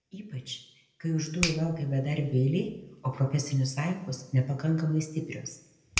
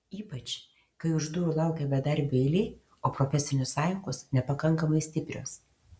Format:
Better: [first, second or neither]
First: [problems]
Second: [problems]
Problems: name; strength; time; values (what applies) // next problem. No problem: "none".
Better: second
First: background sound (Finger snapping); 12 dB below the speech // room echo; dies away in 0.7 s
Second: none